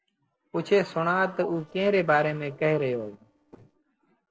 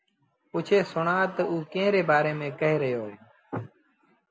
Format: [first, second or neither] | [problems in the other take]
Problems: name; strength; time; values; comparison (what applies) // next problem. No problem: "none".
second | noise reduction (neural separator model SepFormer DNS4)